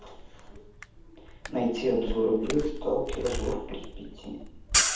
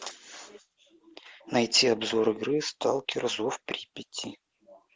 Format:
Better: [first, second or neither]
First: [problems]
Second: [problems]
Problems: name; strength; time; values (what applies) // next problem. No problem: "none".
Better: second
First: background sound (Camera); 2 dB below the speech // room echo; dies away in 0.8 s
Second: none